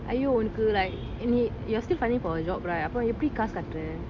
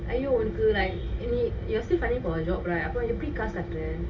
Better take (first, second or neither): first